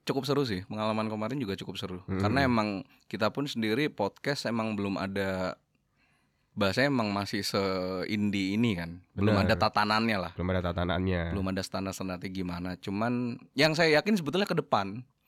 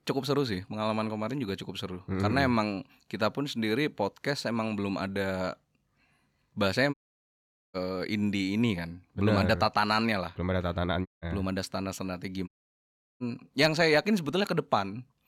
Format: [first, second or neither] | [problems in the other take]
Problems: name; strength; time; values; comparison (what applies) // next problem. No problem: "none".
first | audio cutting out; at 7 s for 1 s, at 11 s and at 12 s for 0.5 s